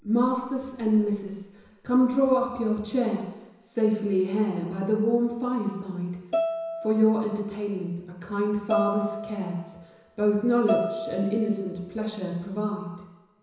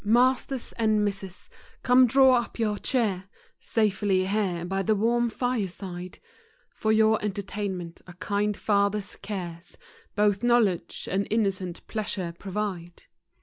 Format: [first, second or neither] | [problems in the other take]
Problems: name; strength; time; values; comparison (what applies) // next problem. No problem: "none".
second | background sound (Bowed string instrument); 6 dB below the speech // room echo; dies away in 1 s